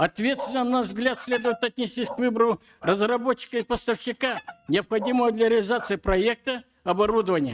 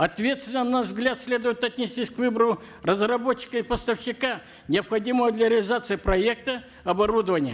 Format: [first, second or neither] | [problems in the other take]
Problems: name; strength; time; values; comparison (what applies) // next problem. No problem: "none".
second | noise reduction (neural mask model RNNoise)